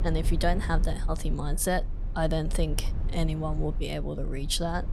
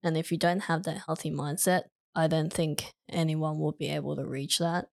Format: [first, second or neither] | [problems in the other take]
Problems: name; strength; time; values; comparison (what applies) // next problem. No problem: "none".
second | low rumble; noticeable; throughout; 15 dB below the speech